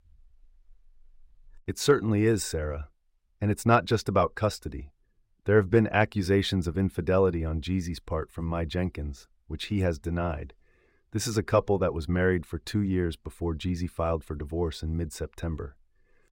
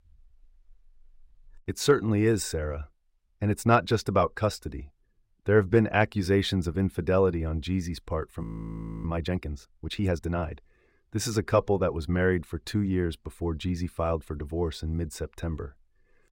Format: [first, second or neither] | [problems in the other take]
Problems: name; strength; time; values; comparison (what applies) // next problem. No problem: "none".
first | audio freezing; at 8.5 s for 0.5 s